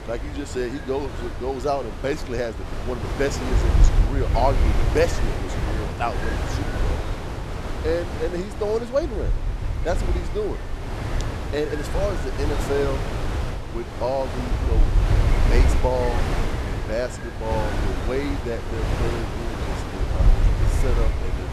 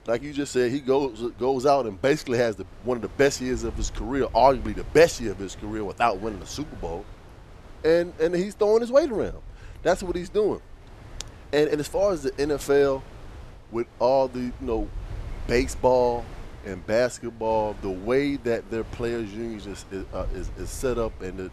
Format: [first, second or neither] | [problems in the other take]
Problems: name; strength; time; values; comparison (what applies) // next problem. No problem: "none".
second | wind noise on the microphone; heavy; 4 dB below the speech; occasional gusts in the second